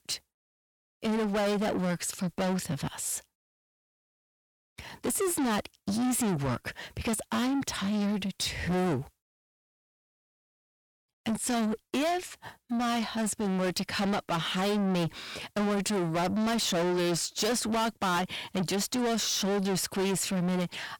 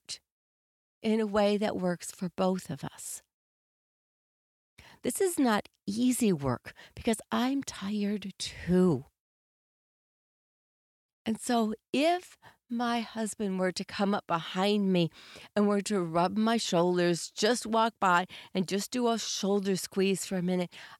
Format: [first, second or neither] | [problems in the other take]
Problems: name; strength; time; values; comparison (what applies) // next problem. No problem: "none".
second | distortion; heavy; 6 dB below the speech